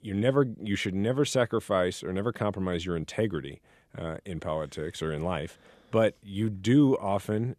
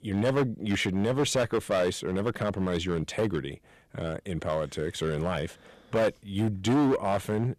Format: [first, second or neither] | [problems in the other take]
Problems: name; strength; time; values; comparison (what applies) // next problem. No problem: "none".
first | distortion; heavy; 9% of the sound clipped